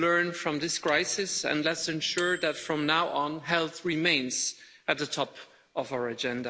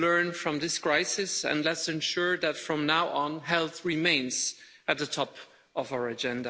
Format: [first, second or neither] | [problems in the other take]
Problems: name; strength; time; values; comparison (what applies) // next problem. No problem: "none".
second | background sound (Microwave oven); 20 dB below the speech